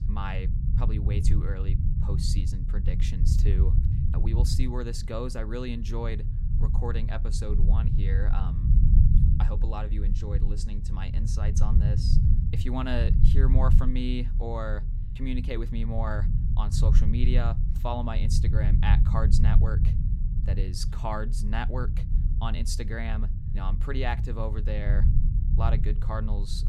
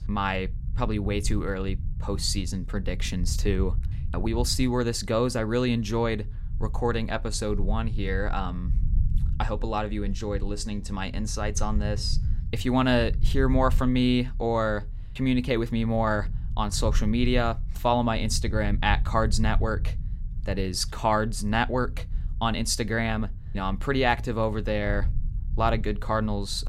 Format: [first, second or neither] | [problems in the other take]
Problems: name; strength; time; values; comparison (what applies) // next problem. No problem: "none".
second | low rumble; loud; throughout; 6 dB below the speech; faint in the second